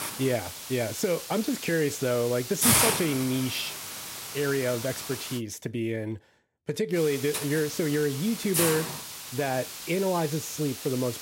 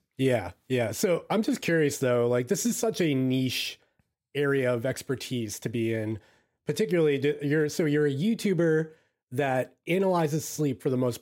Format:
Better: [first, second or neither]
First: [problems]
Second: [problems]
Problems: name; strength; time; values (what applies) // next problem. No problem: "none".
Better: second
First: hiss; loud; until 5.5 s and from 7 s on; 2 dB below the speech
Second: none